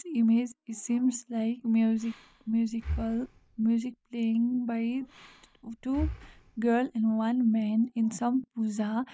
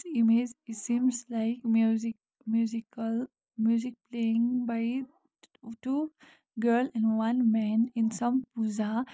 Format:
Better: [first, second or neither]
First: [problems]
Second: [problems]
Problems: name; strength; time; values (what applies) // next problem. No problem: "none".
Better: second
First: background sound (Breathing); 13 dB below the speech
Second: none